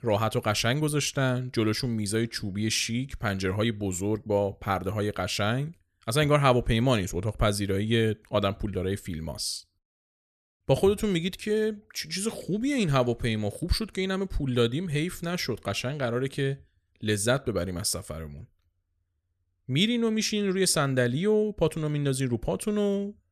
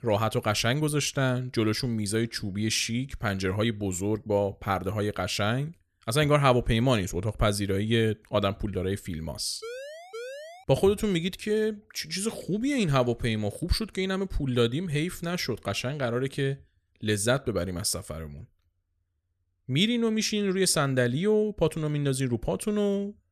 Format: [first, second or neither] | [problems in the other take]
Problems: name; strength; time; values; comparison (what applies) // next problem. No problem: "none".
first | siren; faint; from 9.5 to 11 s; peak 10 dB below the speech